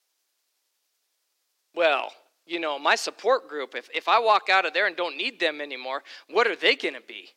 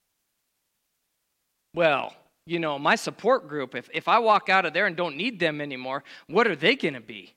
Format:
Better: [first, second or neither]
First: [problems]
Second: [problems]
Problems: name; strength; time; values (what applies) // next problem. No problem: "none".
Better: second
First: thin; somewhat; fading below 350 Hz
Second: none